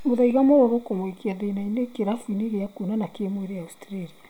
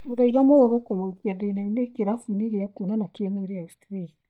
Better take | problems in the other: first | noise reduction (neural mask model DeepFilterNet 3)

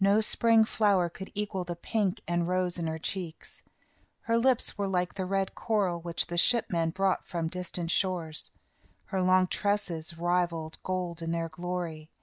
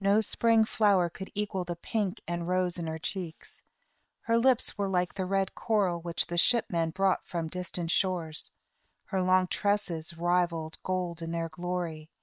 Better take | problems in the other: first | noise reduction (neural separator model SepFormer WHAM!)

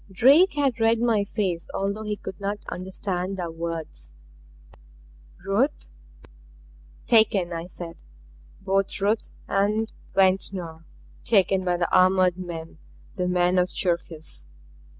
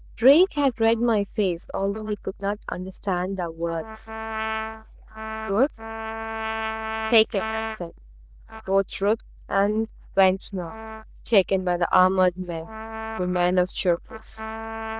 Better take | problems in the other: first | noise reduction (neural diffusion model UNIVERSE++)

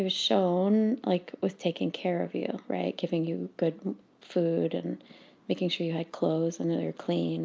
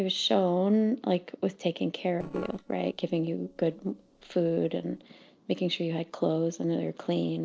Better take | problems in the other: first | noise reduction (neural separator model SepFormer DNS4)

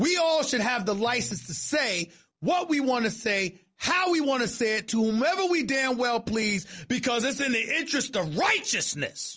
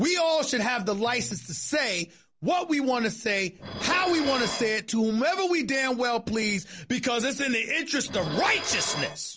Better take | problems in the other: first | background sound (Dishes, pots, and pans); 11 dB below the speech

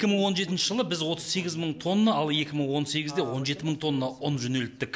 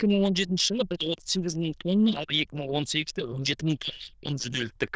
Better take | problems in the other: first | noise reduction (neural diffusion model UNIVERSE++)

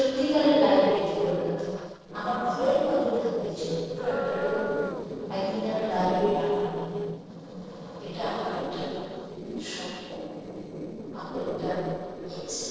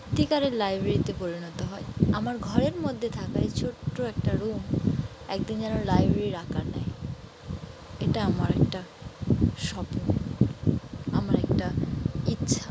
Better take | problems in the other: second | noise reduction (neural separator model SepFormer DNS4)

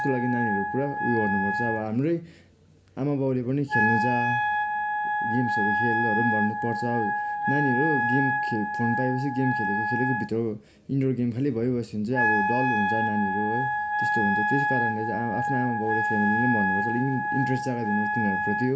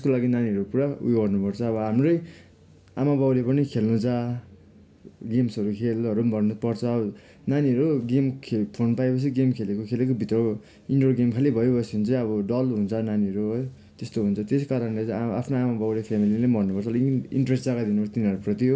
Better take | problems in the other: second | background sound (Wind instrument, woodwind instrument); 1 dB above the speech

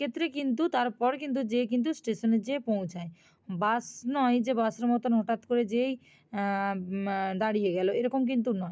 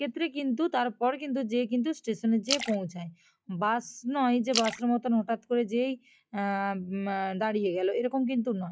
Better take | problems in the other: first | noise reduction (classical method log-MMSE)

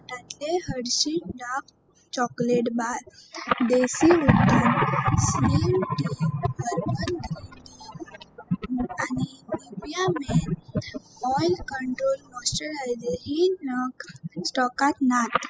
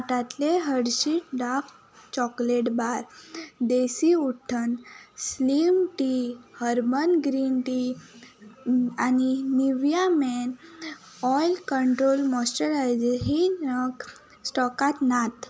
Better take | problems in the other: second | noise reduction (classical method spectral subtraction)

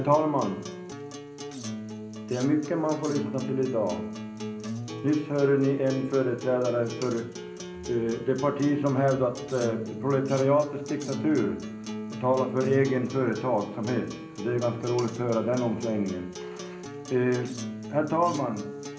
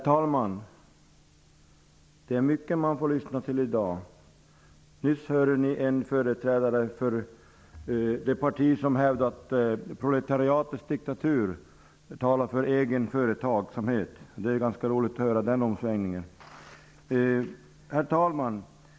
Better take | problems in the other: second | background sound (Acoustic guitar); 10 dB below the speech // room echo; dies away in 0.5 s

